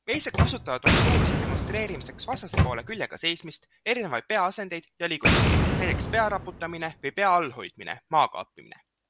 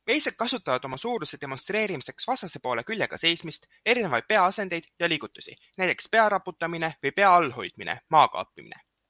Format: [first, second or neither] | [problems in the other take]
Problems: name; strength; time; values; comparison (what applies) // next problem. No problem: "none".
second | background sound (Microwave oven + Boom); 3 dB above the speech